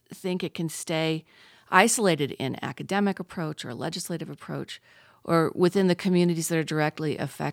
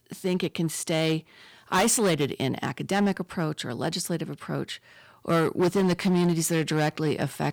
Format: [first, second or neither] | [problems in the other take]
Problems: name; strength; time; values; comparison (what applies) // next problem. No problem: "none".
first | distortion; heavy; 8% of the sound clipped